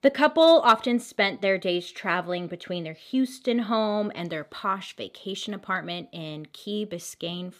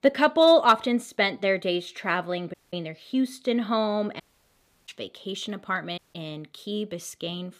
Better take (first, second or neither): first